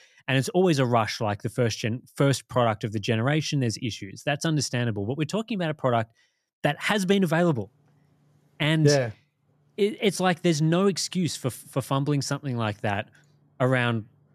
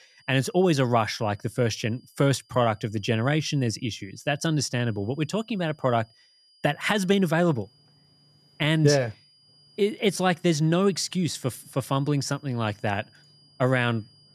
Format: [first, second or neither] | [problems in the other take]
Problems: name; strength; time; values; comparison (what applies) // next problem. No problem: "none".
first | high-pitched whine; faint; throughout; 5 kHz, 30 dB below the speech